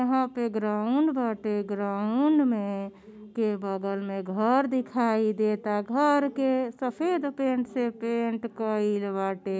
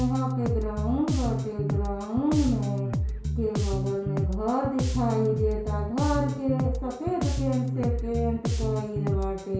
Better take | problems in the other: first | background sound (Bass guitar); 1 dB above the speech // room echo; dies away in 0.6 s

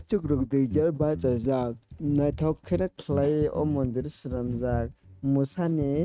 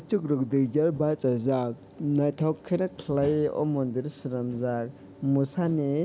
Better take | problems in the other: second | noise reduction (neural mask model RNNoise)

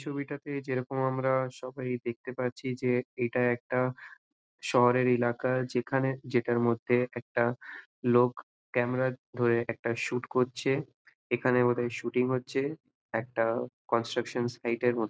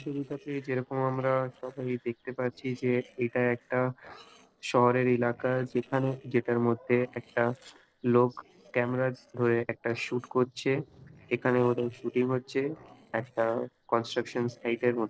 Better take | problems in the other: first | noise reduction (neural separator model SepFormer DNS4)

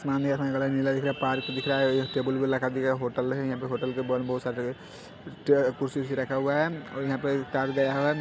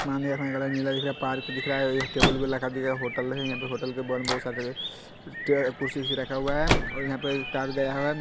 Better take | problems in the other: first | background sound (Microwave oven + Bird); 3 dB below the speech

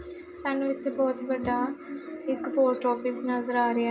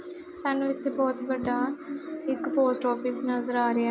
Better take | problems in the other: second | room echo; dies away in 0.2 s

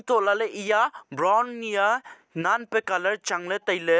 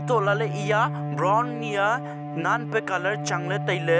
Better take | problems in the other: first | background sound (Bowed string instrument); 5 dB below the speech

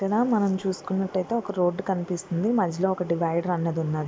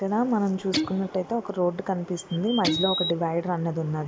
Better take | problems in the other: first | background sound (Bird vocalization, bird call, bird song + Guitar); 7 dB below the speech

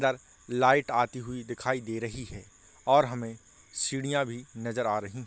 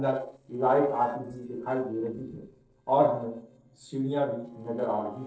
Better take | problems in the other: first | noise reduction (neural separator model SepFormer DNS4)

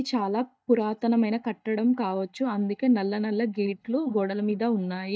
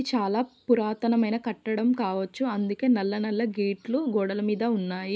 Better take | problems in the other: second | noise reduction (neural mask model DeepFilterNet 3)

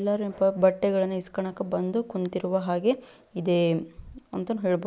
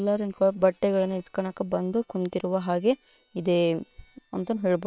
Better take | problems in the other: first | noise reduction (neural separator model SepFormer WHAM!)

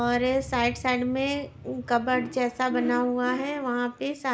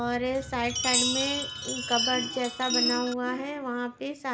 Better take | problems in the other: first | background sound (Chime); as loud as the speech

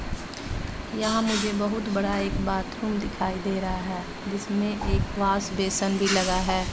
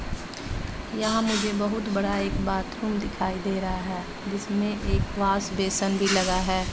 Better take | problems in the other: second | background sound (Bird); 19 dB below the speech

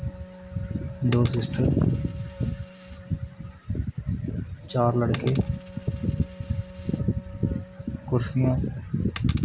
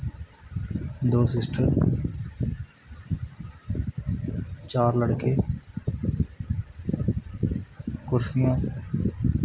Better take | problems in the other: second | background sound (Coin (dropping) + Wind instrument, woodwind instrument); 17 dB below the speech

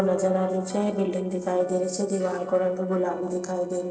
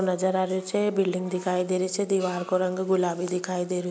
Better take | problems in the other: second | noise reduction (neural separator model SepFormer DNS4)

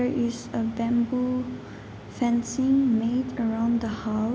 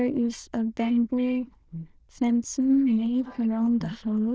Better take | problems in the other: first | noise reduction (neural diffusion model UNIVERSE++)

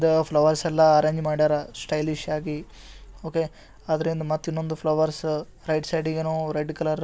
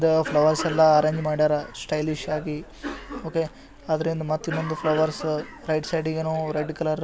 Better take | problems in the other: first | background sound (Cough); 13 dB below the speech

